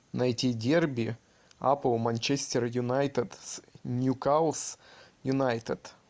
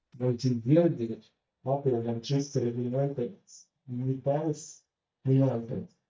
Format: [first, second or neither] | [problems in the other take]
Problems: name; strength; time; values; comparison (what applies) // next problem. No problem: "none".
first | noise reduction (neural mask model DeepFilterNet 3)